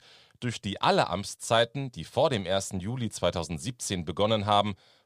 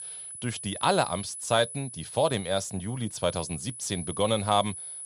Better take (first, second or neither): first